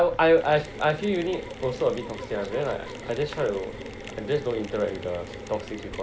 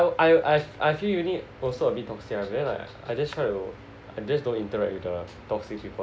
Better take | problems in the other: second | background sound (Mechanisms); 13 dB below the speech

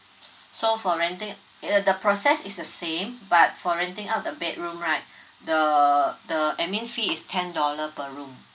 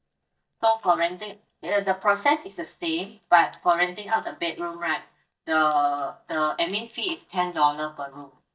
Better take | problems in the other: first | noise reduction (neural mask model DeepFilterNet 3)

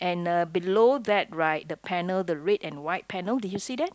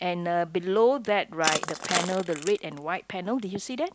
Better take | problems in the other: first | background sound (Crushing); 5 dB below the speech

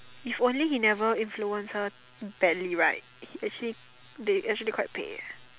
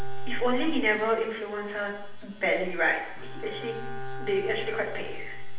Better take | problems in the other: first | background sound (Bowed string instrument); 16 dB below the speech // room echo; dies away in 0.7 s

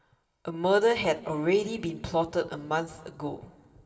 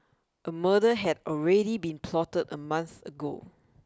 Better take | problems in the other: second | room echo; dies away in 2.1 s

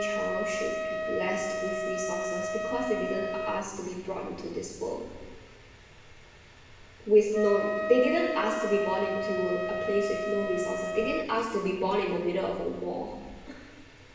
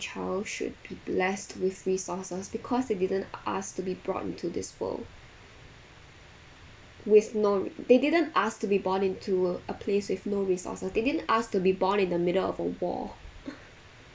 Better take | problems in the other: second | background sound (Wind instrument, woodwind instrument); 4 dB below the speech // room echo; dies away in 1 s

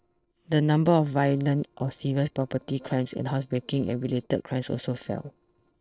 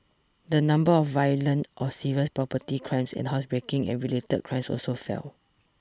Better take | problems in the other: second | noise reduction (neural separator model SepFormer DNS4)

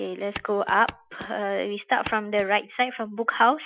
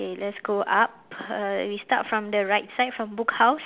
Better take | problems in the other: second | noise reduction (classical method Wiener filter)

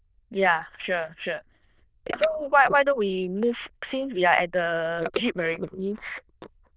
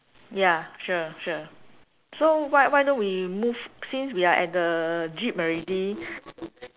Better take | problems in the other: second | noise reduction (neural diffusion model UNIVERSE++)

